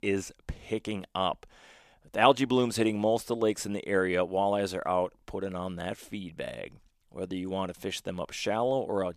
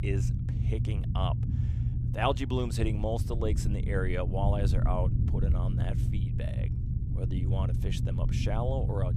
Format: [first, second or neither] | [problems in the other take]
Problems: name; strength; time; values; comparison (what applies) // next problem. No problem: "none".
first | low rumble; loud; throughout; 7 dB below the speech